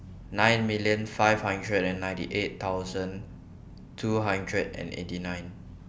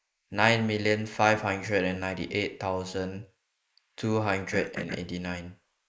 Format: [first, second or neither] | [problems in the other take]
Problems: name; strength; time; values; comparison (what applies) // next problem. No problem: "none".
first | noise reduction (neural mask model Resemble Enhance denoiser)